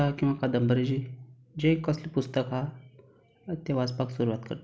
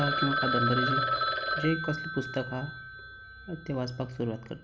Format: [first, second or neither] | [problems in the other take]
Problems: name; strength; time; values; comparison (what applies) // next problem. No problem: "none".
first | background sound (Telephone); as loud as the speech